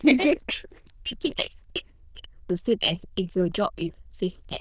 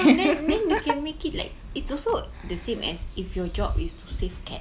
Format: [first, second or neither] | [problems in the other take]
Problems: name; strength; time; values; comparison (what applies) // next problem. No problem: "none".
second | noise reduction (neural diffusion model UNIVERSE++)